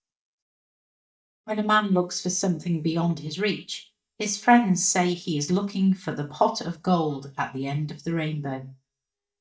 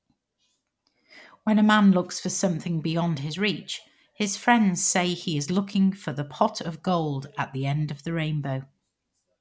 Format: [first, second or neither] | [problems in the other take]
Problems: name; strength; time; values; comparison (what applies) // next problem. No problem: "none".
second | noise reduction (neural mask model DeepFilterNet 3)